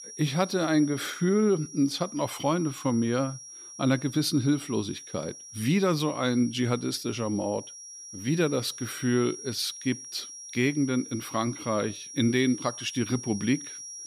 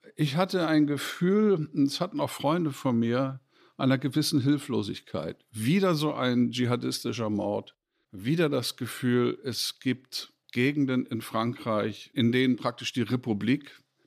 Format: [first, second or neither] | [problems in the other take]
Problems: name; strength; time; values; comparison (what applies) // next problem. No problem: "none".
second | high-pitched whine; noticeable; throughout; 5.5 kHz, 15 dB below the speech